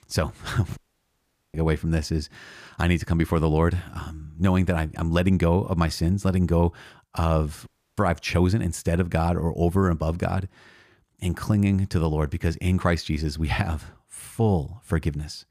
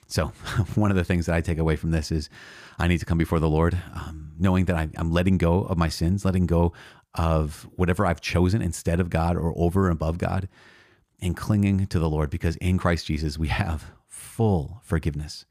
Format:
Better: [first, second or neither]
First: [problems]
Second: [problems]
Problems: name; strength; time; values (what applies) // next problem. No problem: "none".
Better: second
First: audio cutting out; at 1 s for 1 s and at 7.5 s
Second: none